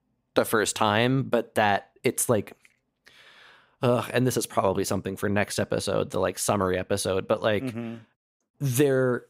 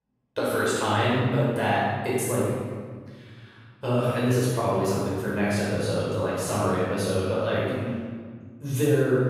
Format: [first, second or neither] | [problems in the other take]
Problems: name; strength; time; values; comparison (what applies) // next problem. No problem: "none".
first | off-mic speech; far // room echo; strong; dies away in 1.9 s